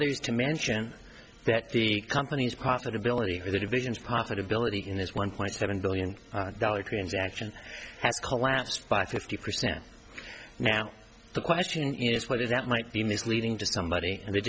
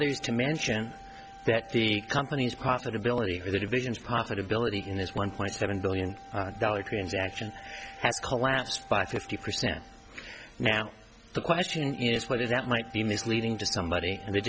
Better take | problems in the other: first | background sound (Wind instrument, woodwind instrument); 19 dB below the speech

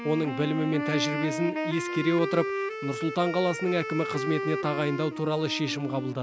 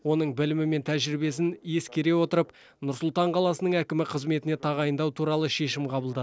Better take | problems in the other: second | background sound (Wind instrument, woodwind instrument); 4 dB below the speech

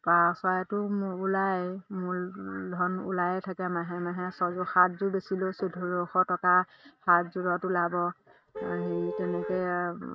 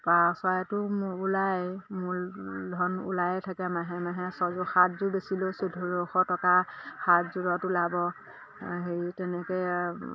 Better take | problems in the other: second | noise reduction (neural mask model RNNoise)

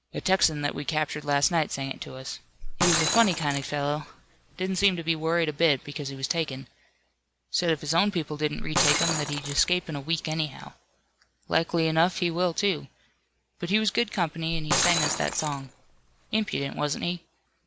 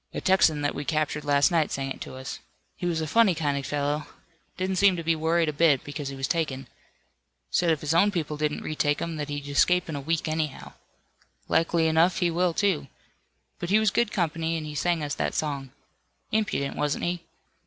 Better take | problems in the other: second | background sound (Shatter); 7 dB below the speech

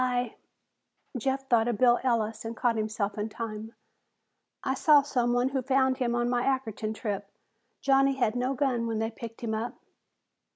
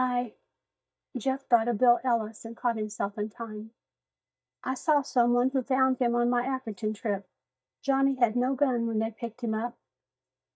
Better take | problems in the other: first | noise reduction (neural mask model DeepFilterNet 3)

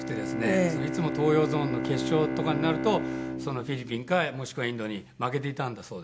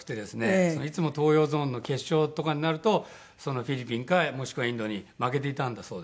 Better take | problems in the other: second | background sound (Bowed string instrument); 4 dB below the speech

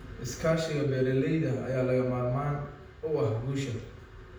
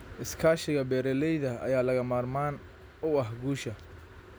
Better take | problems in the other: second | room echo; dies away in 0.7 s

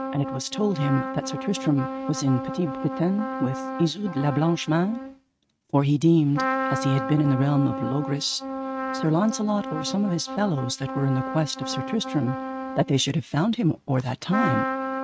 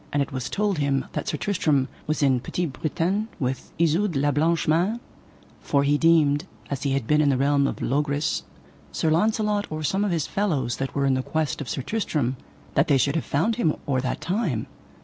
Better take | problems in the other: second | noise reduction (neural mask model RNNoise)

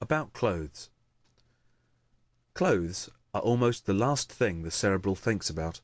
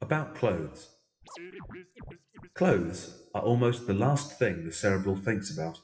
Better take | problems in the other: first | noise reduction (classical method WPE with log-MMSE)

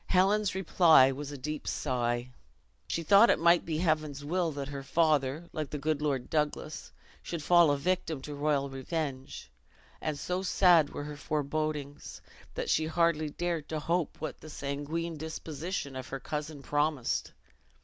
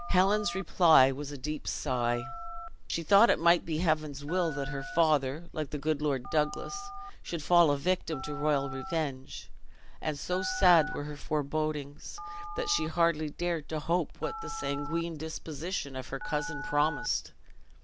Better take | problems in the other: first | background sound (Telephone); 10 dB below the speech

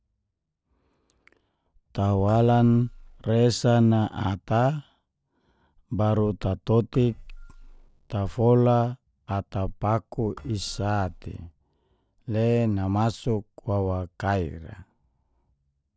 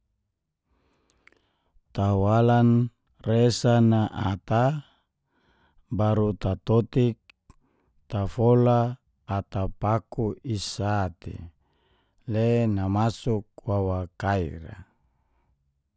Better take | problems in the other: second | noise reduction (neural separator model SepFormer DNS4)

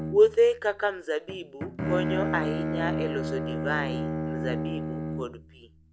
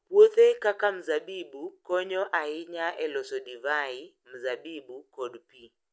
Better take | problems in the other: second | background sound (Bowed string instrument); 3 dB below the speech

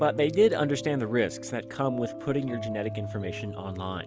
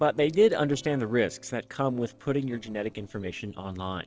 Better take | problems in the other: first | noise reduction (neural separator model SepFormer DNS4)

